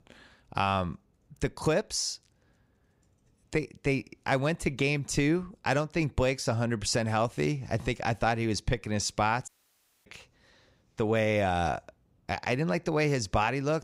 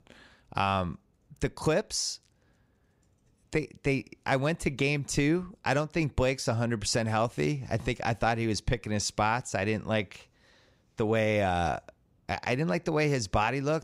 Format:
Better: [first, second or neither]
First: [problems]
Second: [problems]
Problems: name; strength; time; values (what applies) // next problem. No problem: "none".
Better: second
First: audio cutting out; at 9.5 s for 0.5 s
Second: none